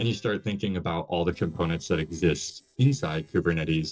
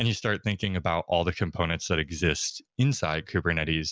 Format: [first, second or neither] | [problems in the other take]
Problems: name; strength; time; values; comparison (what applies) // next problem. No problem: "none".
second | noise reduction (neural separator model SepFormer DNS4)